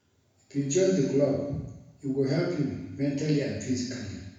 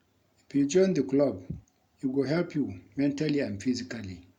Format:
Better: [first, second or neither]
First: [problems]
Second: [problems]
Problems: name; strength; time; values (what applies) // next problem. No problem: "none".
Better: second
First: room echo; dies away in 1 s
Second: none